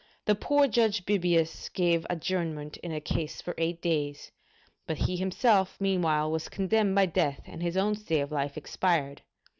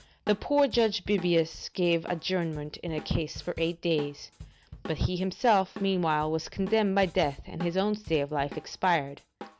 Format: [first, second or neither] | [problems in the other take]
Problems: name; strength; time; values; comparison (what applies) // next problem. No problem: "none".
first | background sound (Drum kit); 18 dB below the speech